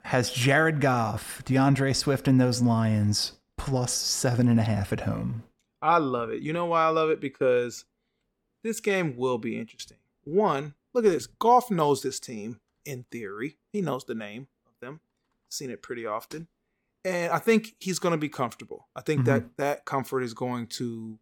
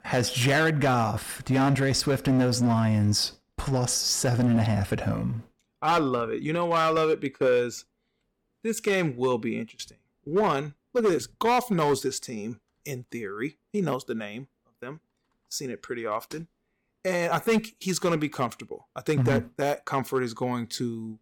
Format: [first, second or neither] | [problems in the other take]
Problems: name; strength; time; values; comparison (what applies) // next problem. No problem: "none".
first | distortion; slight; 5% of the sound clipped